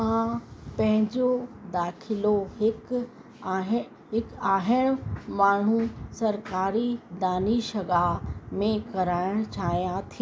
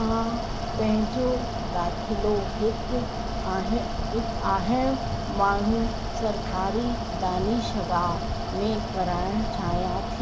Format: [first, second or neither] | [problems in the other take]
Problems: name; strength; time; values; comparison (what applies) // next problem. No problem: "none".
first | background sound (Mechanical fan); 1 dB below the speech